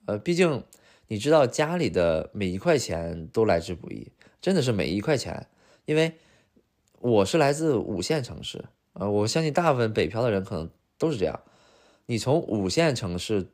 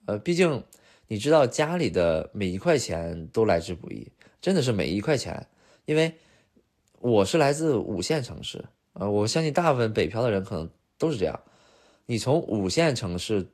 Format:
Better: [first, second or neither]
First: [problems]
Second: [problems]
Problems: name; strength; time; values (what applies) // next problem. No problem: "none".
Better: first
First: none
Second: garbled, watery; slightly; nothing above 13 kHz